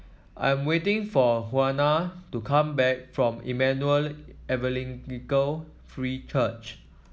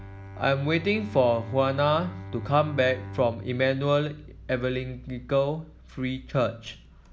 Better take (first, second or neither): first